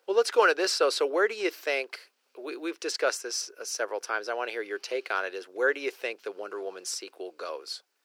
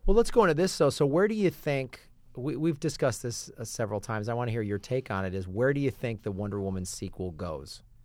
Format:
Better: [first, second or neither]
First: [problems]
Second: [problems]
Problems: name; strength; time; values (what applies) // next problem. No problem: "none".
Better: second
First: thin; very; fading below 350 Hz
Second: none